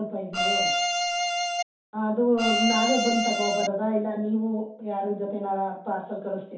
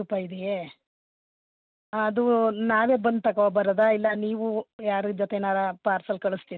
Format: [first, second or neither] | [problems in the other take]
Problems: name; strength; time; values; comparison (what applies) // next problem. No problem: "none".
second | background sound (Bowed string instrument); 2 dB above the speech // room echo; dies away in 0.5 s